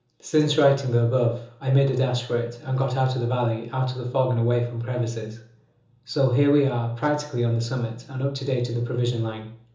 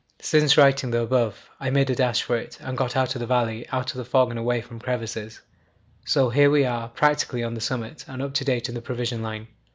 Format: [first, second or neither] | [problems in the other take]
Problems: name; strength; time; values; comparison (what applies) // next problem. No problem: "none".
second | room echo; dies away in 0.6 s